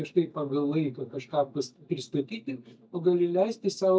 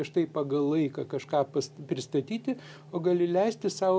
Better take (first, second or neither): second